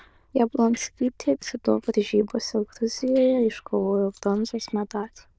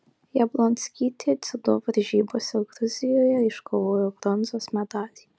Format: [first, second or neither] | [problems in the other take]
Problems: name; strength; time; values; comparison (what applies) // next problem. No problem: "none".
second | noise reduction (neural diffusion model UNIVERSE++)